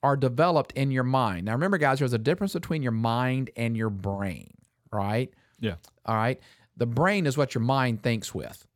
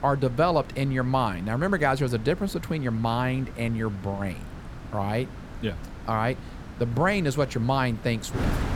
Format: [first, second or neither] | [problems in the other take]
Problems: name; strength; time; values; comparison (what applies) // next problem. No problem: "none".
first | wind noise on the microphone; occasional gusts; 15 dB below the speech